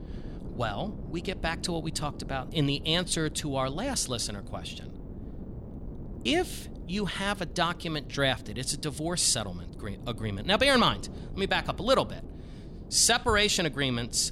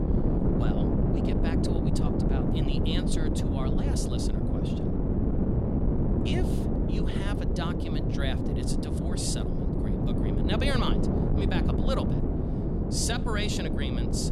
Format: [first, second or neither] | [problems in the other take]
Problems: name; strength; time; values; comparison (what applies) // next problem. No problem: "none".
first | wind noise on the microphone; heavy; 1 dB above the speech; occasional gusts in the first